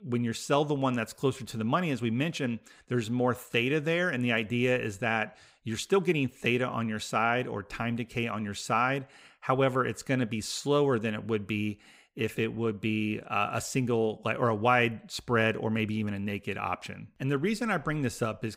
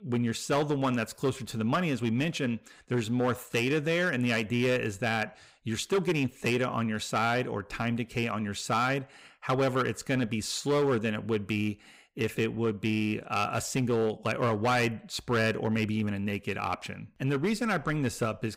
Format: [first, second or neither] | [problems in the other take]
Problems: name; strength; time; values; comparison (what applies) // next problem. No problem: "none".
first | distortion; slight; 6% of the sound clipped